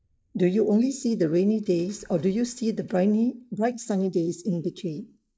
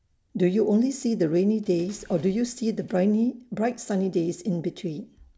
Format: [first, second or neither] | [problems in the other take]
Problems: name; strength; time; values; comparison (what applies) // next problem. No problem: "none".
second | noise reduction (neural mask model Resemble Enhance denoiser)